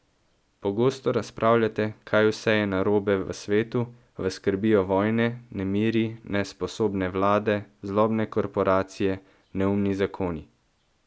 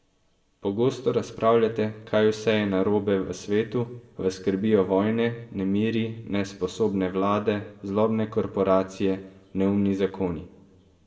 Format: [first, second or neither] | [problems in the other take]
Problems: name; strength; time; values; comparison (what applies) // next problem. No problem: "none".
first | room echo; dies away in 0.8 s